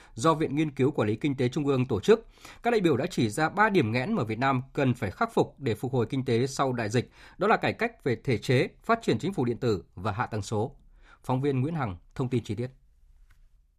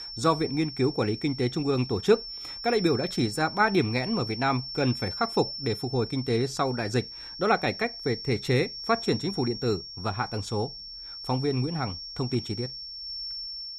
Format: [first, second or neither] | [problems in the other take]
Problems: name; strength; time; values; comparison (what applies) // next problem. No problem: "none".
first | high-pitched whine; loud; throughout; 5.5 kHz, 8 dB below the speech